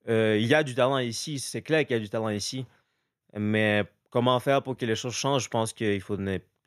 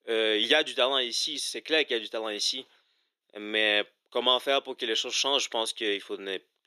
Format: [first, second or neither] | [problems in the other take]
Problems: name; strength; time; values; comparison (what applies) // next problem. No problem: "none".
first | thin; somewhat; fading below 350 Hz